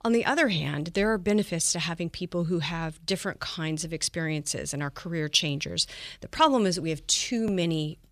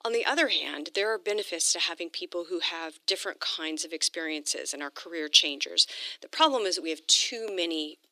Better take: first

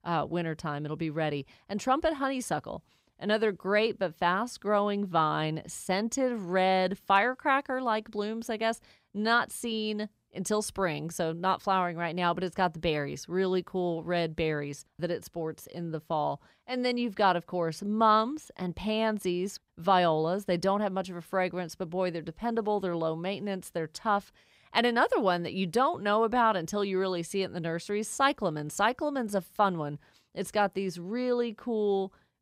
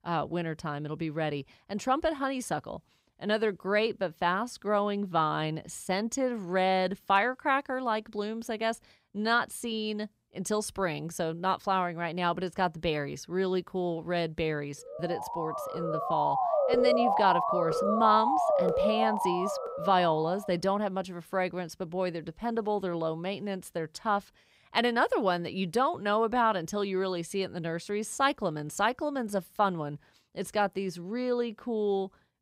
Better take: first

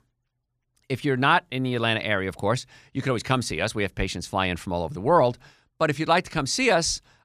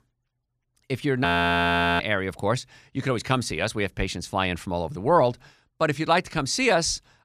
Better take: first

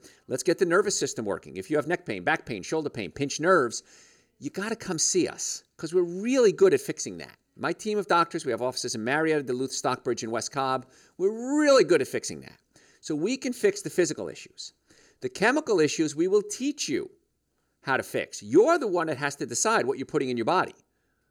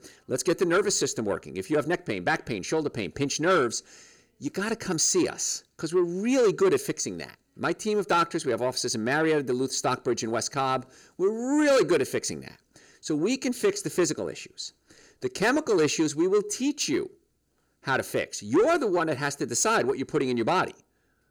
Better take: first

